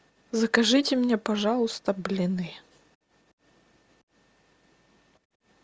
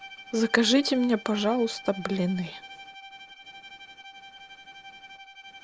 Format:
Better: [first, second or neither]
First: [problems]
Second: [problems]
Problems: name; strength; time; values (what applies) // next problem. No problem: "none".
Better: first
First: none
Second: background sound (Bowed string instrument); 16 dB below the speech